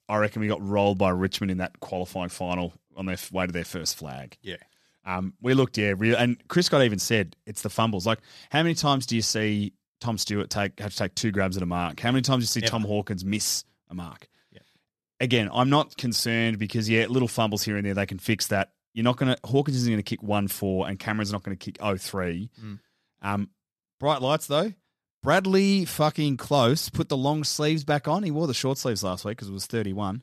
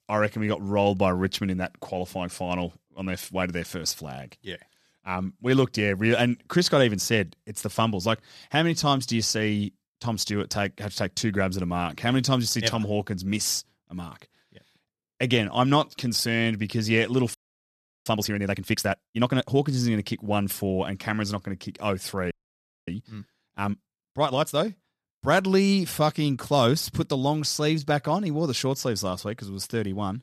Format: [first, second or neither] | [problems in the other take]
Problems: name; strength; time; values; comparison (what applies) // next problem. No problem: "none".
first | audio freezing; at 17 s for 0.5 s and at 22 s for 0.5 s